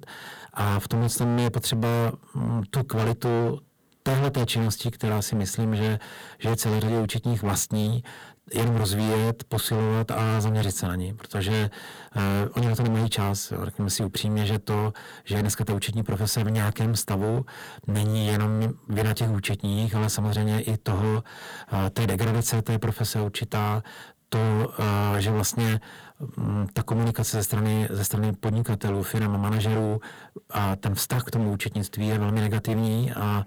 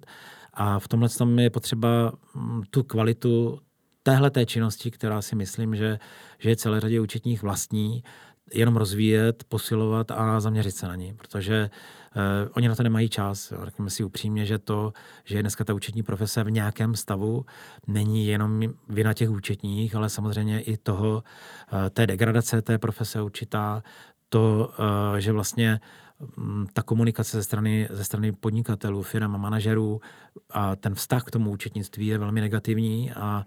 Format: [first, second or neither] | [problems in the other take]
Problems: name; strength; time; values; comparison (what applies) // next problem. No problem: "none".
second | distortion; heavy; 24% of the sound clipped